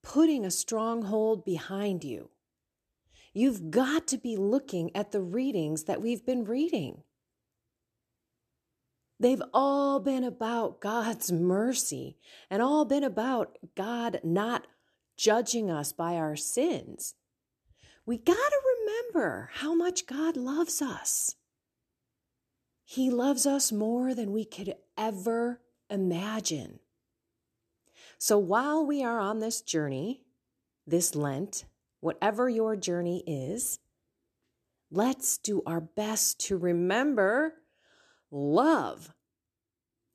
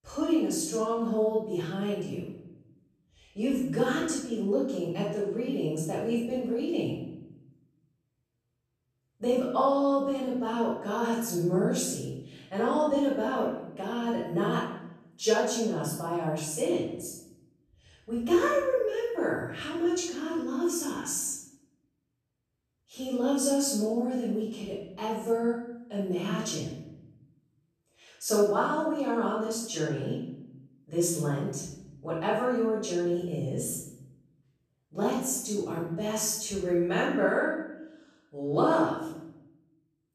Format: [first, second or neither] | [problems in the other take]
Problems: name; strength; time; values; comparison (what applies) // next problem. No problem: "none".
first | off-mic speech; far // room echo; noticeable; dies away in 0.8 s